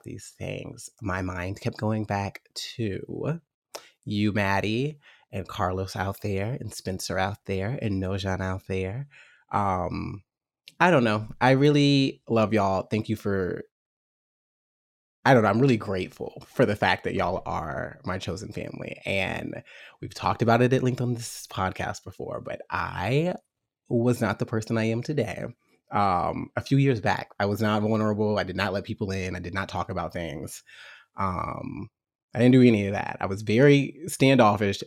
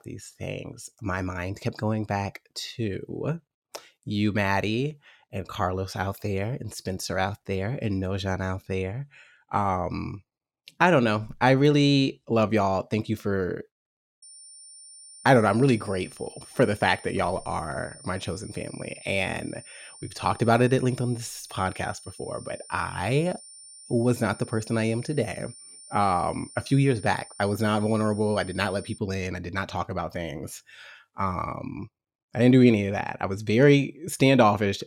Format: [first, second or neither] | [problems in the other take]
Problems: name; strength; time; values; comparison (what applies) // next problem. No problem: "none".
first | high-pitched whine; noticeable; from 14 to 29 s; 9 kHz, 20 dB below the speech